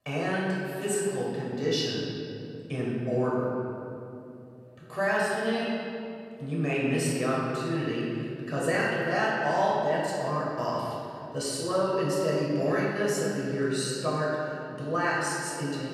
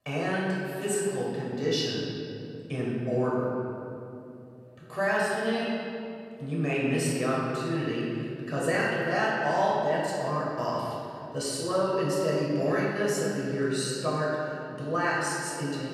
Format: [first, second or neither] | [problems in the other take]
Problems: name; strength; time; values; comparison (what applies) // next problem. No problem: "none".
neither | off-mic speech; far; the same in both // room echo; strong; dies away in 2.6 s; the same in both